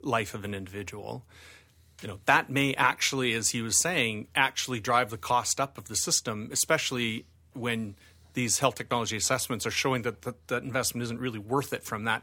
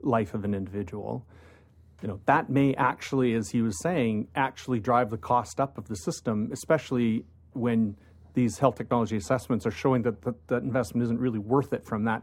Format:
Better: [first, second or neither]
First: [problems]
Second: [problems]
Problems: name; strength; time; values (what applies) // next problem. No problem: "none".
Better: first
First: none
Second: muffled; very; fading above 1.5 kHz